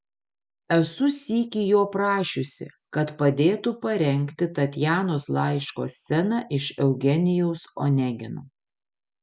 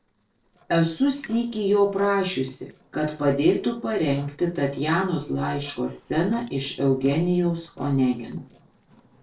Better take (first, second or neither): first